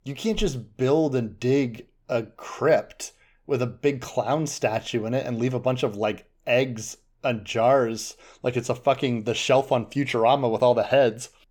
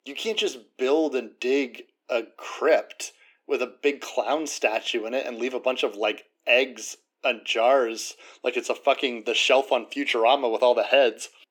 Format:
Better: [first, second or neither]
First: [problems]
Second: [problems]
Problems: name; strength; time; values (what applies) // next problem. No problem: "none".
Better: first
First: none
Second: thin; somewhat; fading below 300 Hz